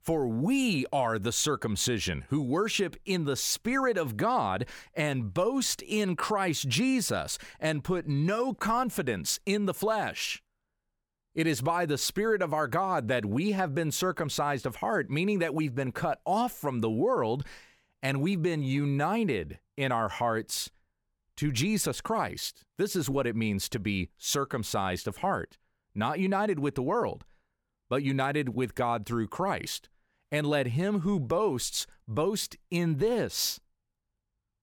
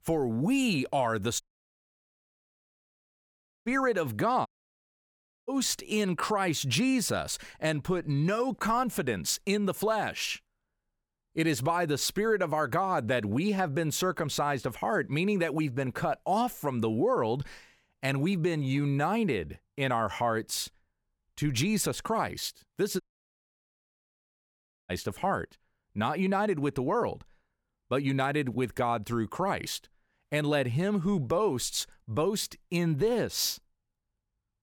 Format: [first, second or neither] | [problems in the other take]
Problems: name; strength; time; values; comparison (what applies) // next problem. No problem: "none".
first | audio cutting out; at 1.5 s for 2.5 s, at 4.5 s for 1 s and at 23 s for 2 s